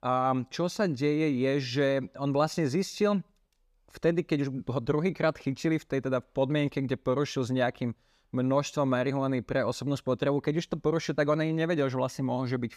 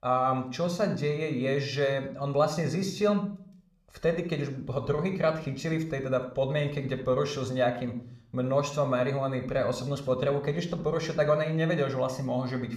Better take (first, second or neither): first